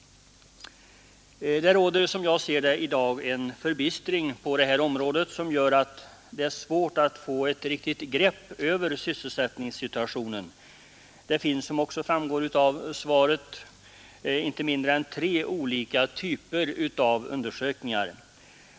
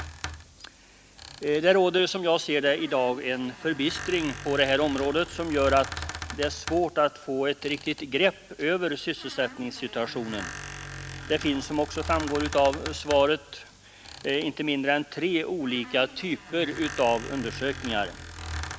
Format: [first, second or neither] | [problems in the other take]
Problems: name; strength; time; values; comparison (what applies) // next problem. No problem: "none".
first | background sound (Squeak); 13 dB below the speech